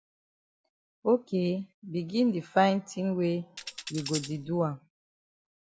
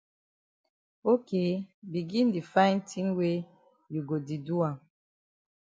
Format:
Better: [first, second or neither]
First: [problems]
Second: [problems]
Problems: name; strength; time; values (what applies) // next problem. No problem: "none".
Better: second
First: background sound (Tambourine); 11 dB below the speech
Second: none